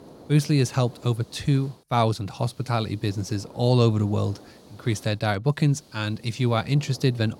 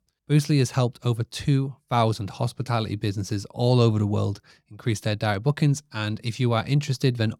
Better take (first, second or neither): second